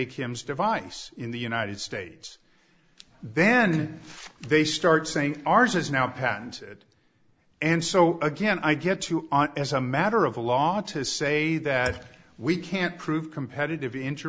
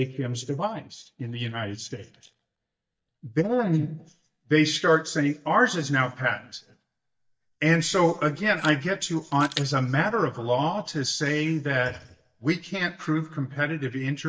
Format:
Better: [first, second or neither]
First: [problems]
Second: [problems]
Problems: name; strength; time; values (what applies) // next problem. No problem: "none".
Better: first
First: none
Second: noise reduction (neural mask model DeepFilterNet 3)